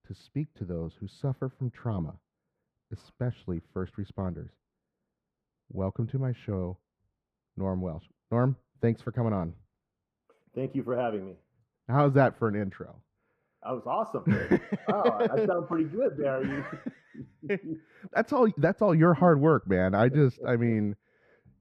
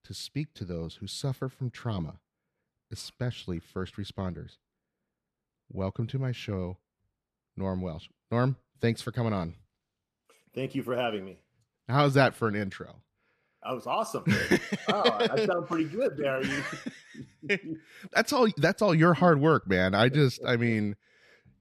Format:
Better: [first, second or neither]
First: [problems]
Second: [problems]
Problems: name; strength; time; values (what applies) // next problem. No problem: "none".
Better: second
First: muffled; very; fading above 2.5 kHz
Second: none